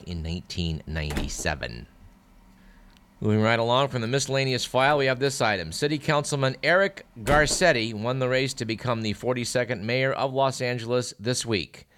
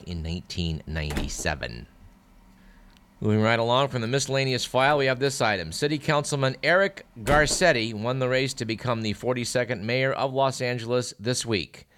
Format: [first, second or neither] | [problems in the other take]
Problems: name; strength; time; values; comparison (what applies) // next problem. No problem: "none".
neither | door banging; noticeable; from 1 to 7.5 s; peak 7 dB below the speech; the same in both